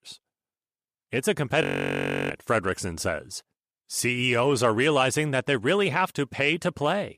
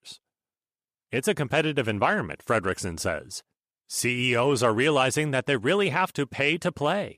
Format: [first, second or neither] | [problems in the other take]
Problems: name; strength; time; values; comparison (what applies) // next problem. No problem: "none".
second | audio freezing; at 1.5 s for 0.5 s